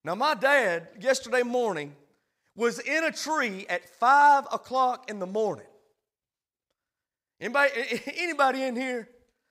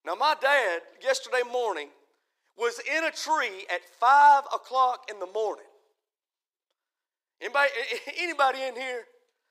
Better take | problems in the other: first | thin; very; fading below 350 Hz

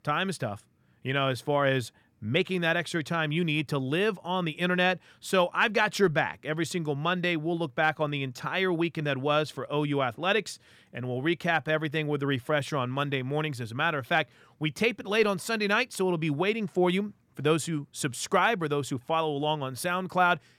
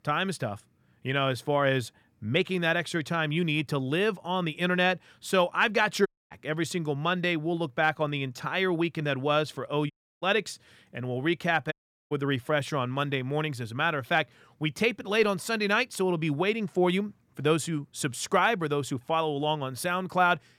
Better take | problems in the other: first | audio cutting out; at 6 s, at 10 s and at 12 s

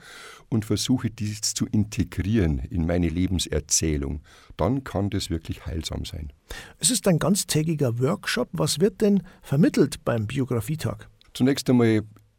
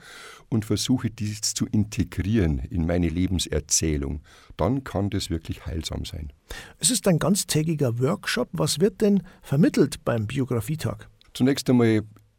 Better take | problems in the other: neither | none

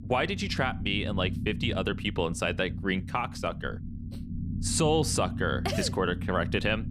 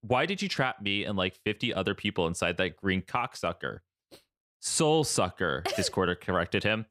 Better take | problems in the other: second | low rumble; noticeable; throughout; 15 dB below the speech

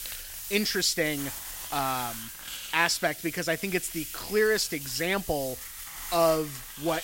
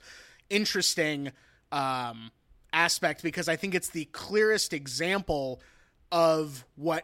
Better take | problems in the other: second | hiss; loud; throughout; 9 dB below the speech

